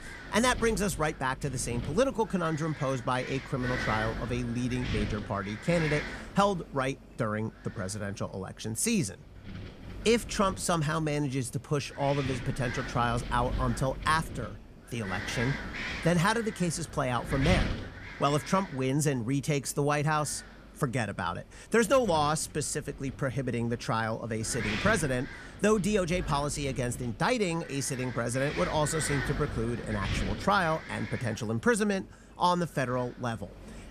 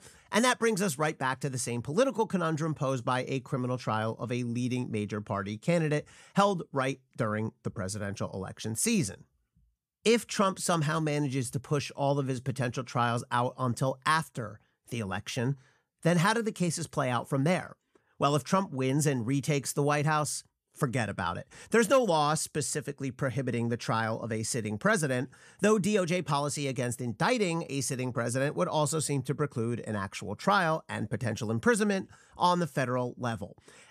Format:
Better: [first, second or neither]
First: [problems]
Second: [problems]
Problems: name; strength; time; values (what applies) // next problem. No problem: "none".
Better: second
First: wind noise on the microphone; heavy; 8 dB below the speech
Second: none